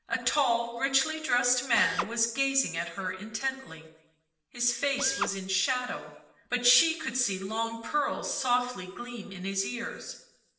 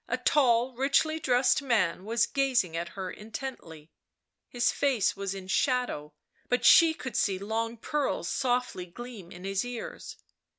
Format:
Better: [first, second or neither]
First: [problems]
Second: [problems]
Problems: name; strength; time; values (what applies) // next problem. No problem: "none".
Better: second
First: background sound (Drill); 6 dB below the speech // room echo; dies away in 0.9 s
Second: none